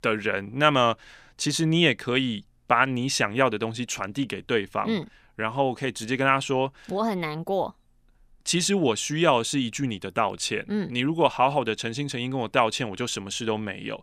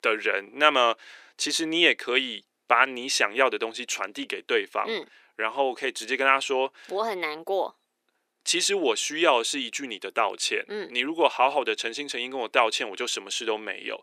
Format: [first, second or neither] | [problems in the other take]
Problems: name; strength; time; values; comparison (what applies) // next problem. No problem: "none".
first | thin; somewhat; fading below 350 Hz